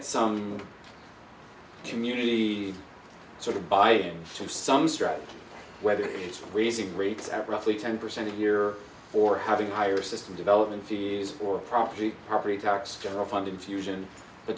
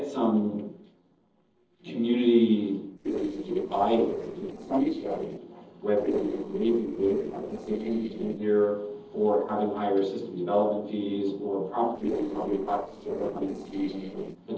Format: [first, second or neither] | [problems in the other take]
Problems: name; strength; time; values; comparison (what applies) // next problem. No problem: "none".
first | noise reduction (neural separator model SepFormer DNS4)